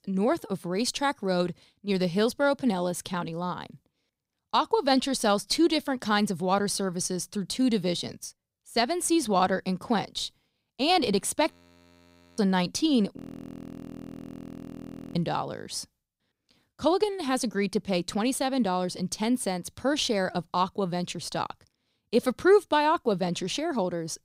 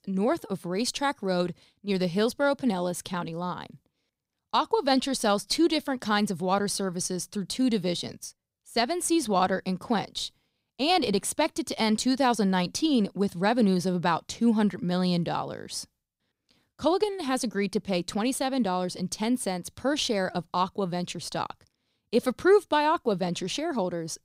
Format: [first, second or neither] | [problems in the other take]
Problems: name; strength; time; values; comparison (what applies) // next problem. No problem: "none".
second | audio freezing; at 12 s for 1 s and at 13 s for 2 s